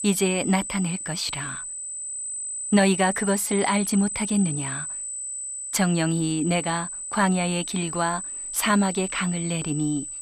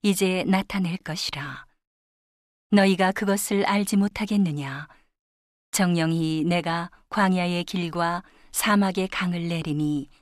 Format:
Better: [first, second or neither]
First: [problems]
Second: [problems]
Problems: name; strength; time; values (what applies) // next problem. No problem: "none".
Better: second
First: high-pitched whine; loud; throughout; 8 kHz, 5 dB below the speech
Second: none